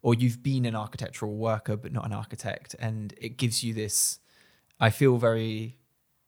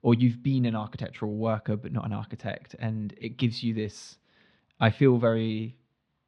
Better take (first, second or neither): first